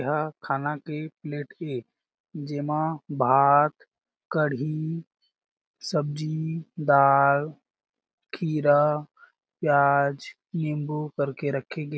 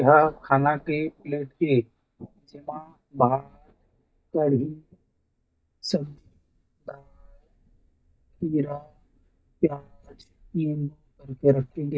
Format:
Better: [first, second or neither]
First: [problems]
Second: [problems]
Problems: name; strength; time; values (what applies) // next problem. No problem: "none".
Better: first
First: none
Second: noise reduction (neural mask model DeepFilterNet 3)